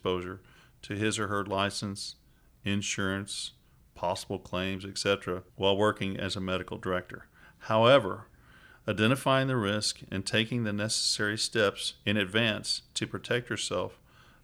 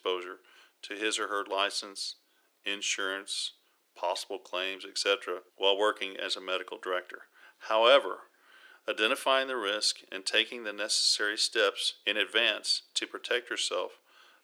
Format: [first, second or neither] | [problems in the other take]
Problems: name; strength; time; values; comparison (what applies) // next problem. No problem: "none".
first | thin; very; fading below 350 Hz